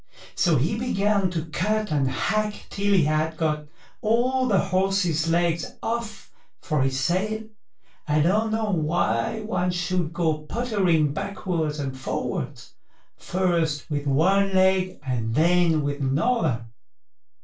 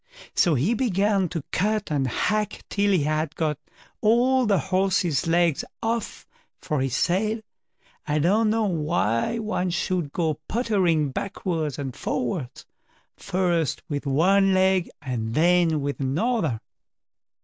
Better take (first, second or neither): second